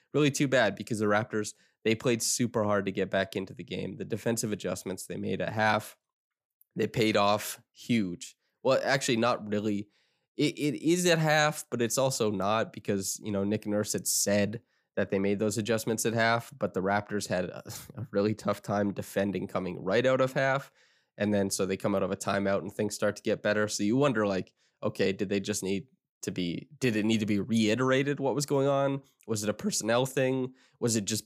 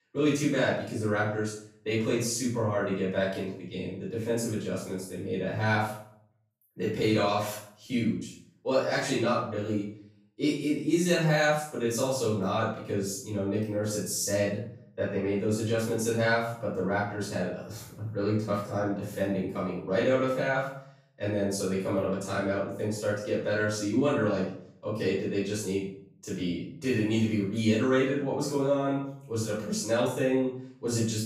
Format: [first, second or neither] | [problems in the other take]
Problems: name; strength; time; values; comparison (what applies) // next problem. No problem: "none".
first | off-mic speech; far // room echo; noticeable; dies away in 0.5 s